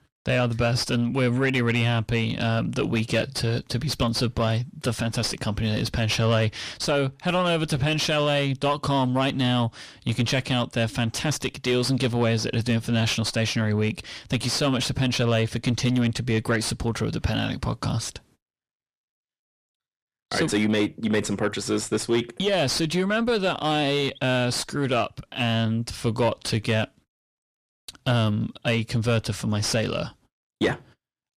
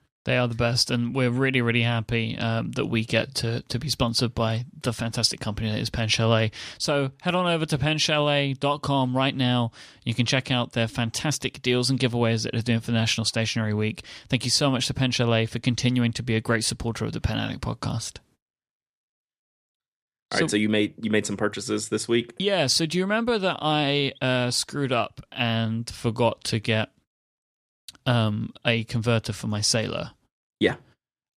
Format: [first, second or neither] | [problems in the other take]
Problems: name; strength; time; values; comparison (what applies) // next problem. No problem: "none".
second | distortion; slight; 9 dB below the speech